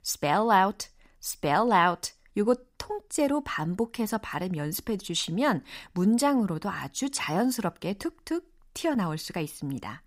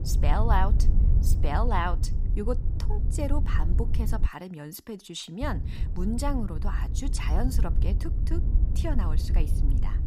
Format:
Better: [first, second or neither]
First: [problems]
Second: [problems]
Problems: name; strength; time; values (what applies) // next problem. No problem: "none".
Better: first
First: none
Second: wind noise on the microphone; occasional gusts; until 4.5 s and from 5.5 s on; 10 dB below the speech